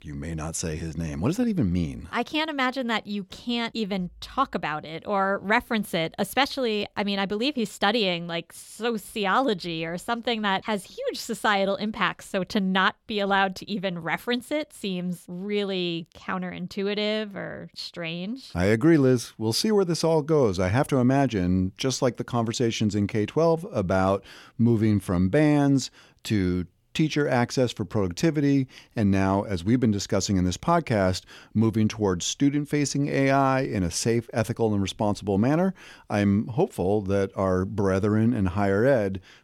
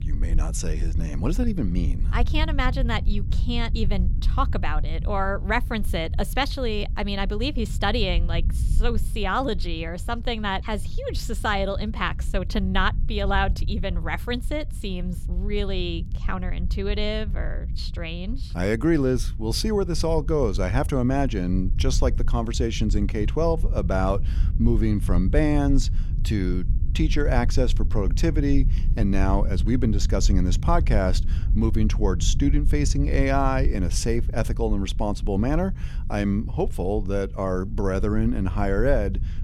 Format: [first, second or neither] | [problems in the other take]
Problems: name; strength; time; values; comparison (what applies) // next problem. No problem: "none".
first | low rumble; noticeable; throughout; 20 dB below the speech